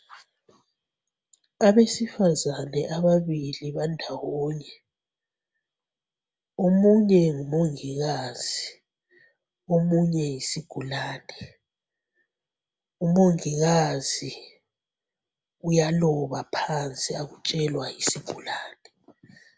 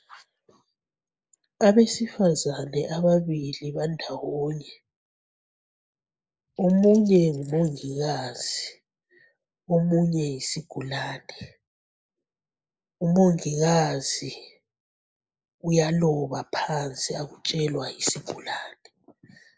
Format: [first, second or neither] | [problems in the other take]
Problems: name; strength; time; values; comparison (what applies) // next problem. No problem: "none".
first | noise reduction (neural mask model Resemble Enhance denoiser)